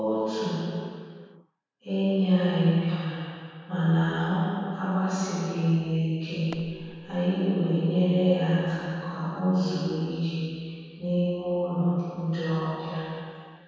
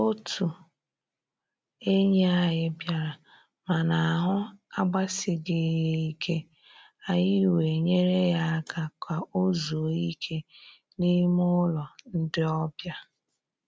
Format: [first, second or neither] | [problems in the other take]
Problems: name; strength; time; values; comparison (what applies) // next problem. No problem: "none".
second | background sound (Fireworks); 19 dB below the speech // room echo; dies away in 2.2 s